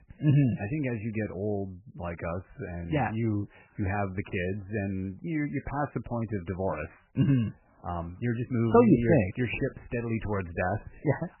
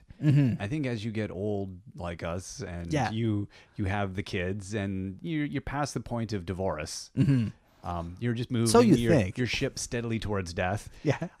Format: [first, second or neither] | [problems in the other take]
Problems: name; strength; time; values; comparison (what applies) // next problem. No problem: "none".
second | garbled, watery; badly; nothing above 3 kHz